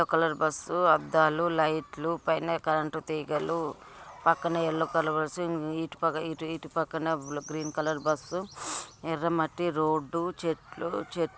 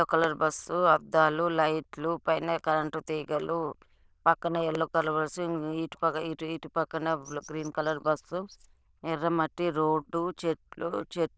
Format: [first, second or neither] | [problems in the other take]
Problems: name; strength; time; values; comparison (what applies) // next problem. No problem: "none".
first | noise reduction (neural diffusion model UNIVERSE++)